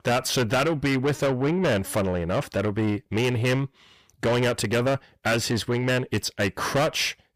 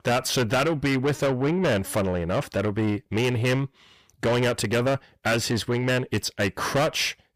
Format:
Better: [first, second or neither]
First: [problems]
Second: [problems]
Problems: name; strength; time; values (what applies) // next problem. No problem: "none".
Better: neither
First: distortion; heavy; 6 dB below the speech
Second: distortion; heavy; 6 dB below the speech